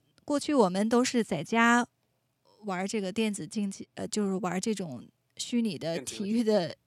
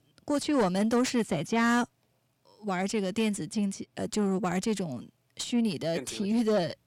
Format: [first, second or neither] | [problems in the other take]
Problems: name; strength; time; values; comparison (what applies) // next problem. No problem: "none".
first | distortion; slight; 10 dB below the speech